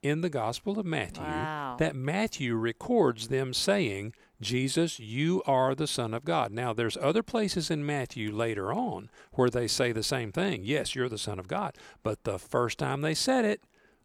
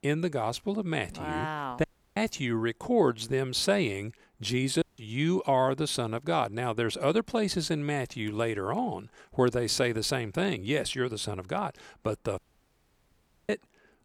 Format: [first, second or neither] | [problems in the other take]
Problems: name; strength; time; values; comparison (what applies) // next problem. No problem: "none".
first | audio cutting out; at 2 s, at 5 s and at 12 s for 1 s